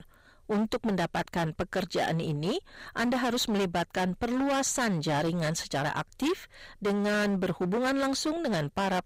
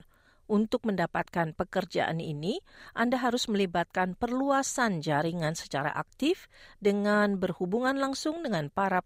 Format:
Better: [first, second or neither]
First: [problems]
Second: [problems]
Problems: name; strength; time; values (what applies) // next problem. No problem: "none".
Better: second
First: distortion; heavy; 21% of the sound clipped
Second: none